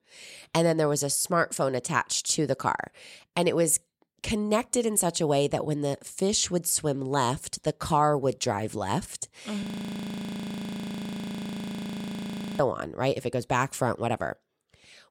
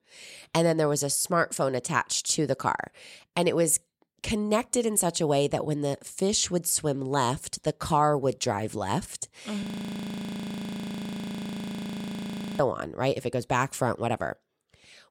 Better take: neither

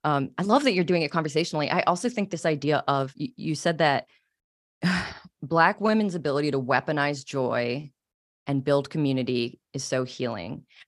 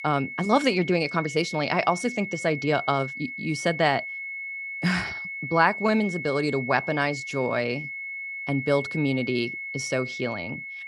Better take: first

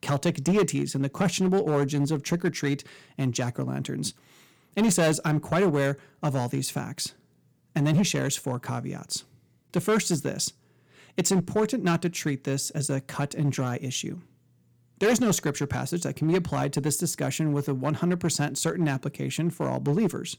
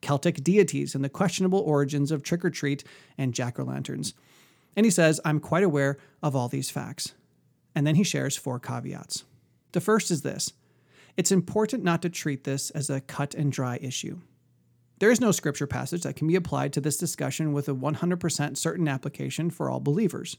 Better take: second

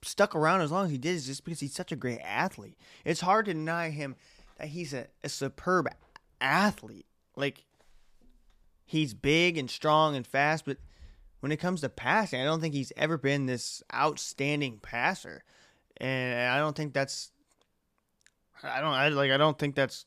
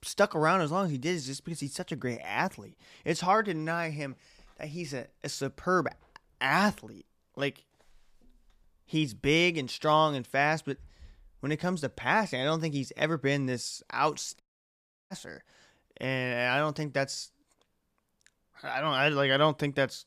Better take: first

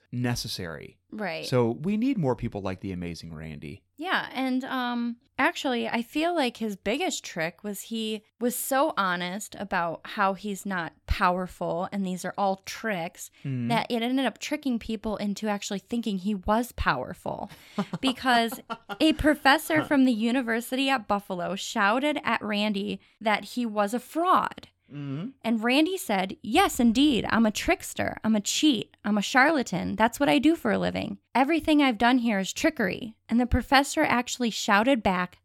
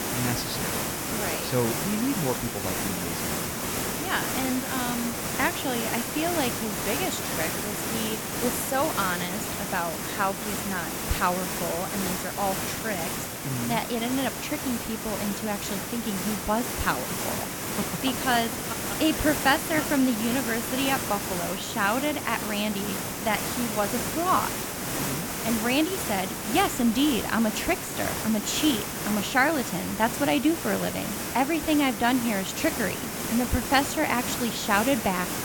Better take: first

